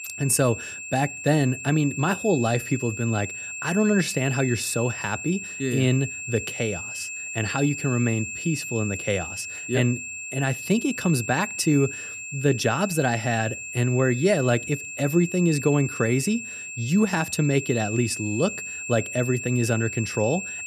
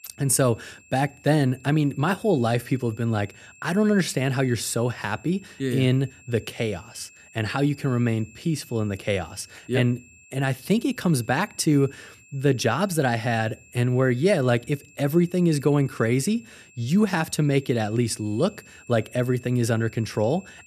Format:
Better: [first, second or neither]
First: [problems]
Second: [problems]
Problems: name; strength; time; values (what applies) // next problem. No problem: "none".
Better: second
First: high-pitched whine; loud; throughout; 2.5 kHz, 7 dB below the speech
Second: high-pitched whine; faint; throughout; 2.5 kHz, 25 dB below the speech